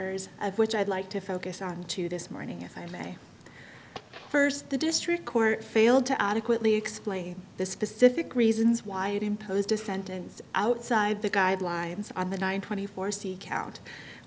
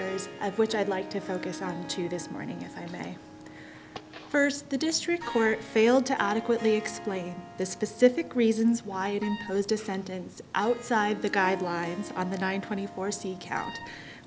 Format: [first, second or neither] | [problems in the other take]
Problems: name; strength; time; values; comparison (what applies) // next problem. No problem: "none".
first | background sound (Wind instrument, woodwind instrument + Harp); 14 dB below the speech